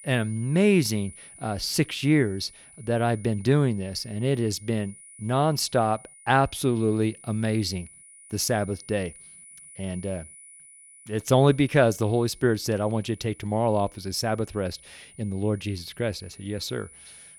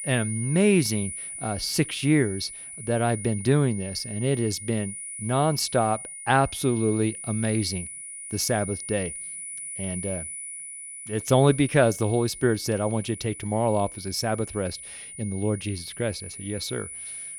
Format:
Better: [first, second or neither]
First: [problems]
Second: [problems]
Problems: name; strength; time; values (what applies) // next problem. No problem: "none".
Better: first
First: high-pitched whine; faint; throughout; 9.5 kHz, 20 dB below the speech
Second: high-pitched whine; loud; throughout; 9.5 kHz, 9 dB below the speech